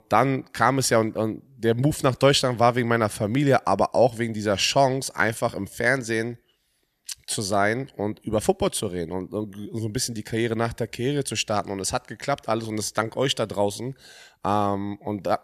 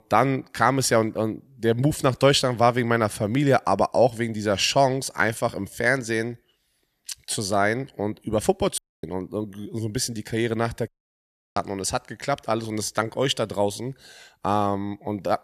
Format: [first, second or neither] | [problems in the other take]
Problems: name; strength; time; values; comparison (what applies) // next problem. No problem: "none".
first | audio cutting out; at 9 s and at 11 s for 0.5 s